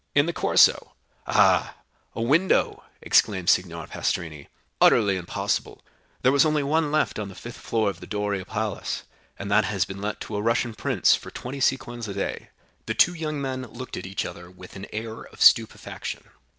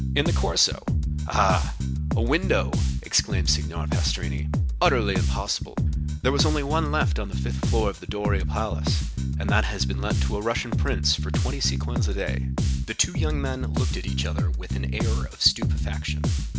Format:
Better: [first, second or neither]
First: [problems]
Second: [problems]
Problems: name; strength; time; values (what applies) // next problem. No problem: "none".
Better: first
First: none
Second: background sound (Bass guitar); 3 dB above the speech